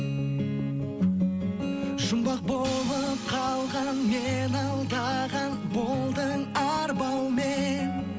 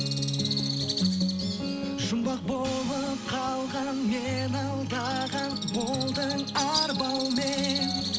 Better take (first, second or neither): first